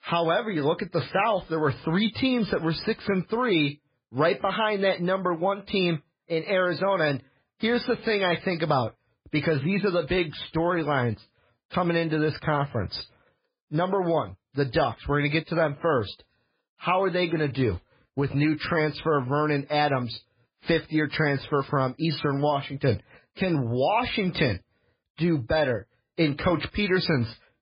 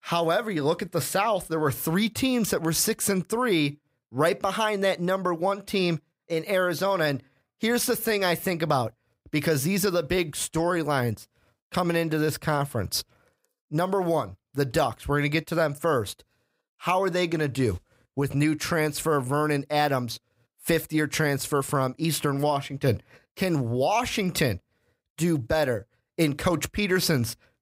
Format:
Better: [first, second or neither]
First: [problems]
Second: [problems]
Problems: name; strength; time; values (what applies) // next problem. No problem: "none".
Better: second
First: garbled, watery; badly; nothing above 5 kHz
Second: none